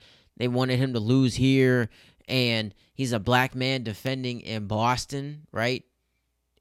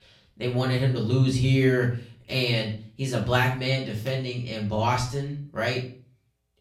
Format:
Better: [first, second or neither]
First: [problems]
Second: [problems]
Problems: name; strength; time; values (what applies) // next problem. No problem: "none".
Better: first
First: none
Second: off-mic speech; far // room echo; slight; dies away in 0.4 s